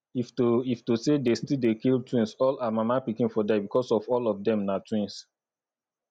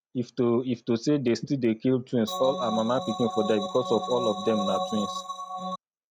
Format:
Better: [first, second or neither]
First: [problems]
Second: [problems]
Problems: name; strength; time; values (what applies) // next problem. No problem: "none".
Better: first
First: none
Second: noise reduction (neural mask model RNNoise)